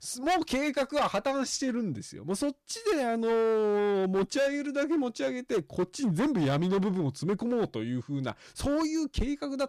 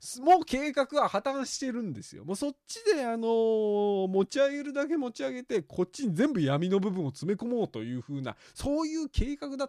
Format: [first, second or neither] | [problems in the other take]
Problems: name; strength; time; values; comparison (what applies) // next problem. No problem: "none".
second | distortion; heavy; 13% of the sound clipped